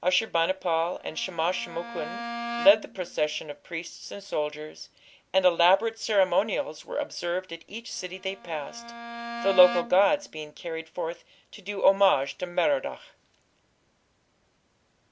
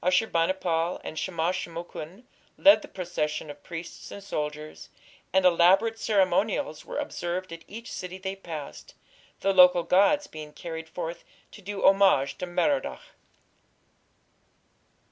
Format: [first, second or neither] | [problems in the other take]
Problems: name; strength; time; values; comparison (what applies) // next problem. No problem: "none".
second | background sound (Bowed string instrument); 11 dB below the speech